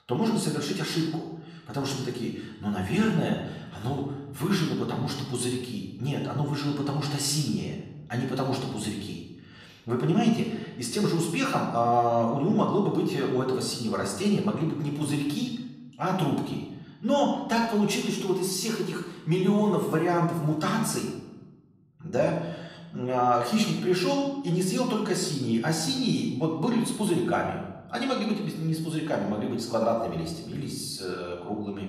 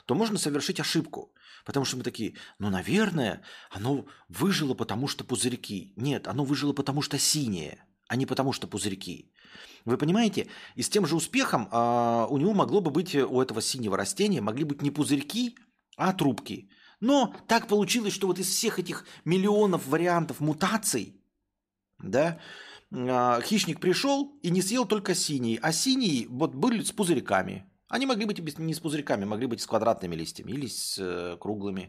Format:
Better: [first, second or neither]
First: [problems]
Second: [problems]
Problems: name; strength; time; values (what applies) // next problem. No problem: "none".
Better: second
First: off-mic speech; far // room echo; noticeable; dies away in 1 s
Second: none